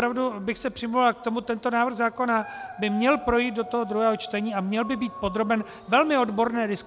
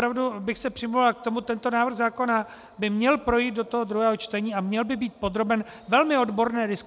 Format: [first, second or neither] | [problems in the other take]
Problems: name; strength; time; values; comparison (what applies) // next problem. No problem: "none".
second | background sound (Dog); 17 dB below the speech